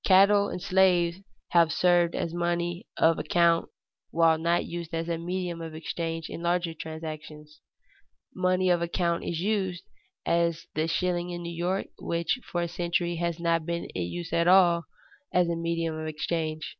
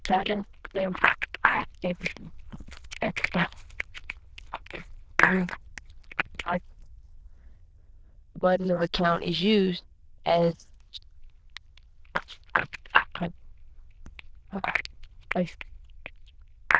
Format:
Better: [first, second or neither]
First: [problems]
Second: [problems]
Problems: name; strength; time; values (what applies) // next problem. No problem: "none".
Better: first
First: none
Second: noise reduction (neural diffusion model UNIVERSE++)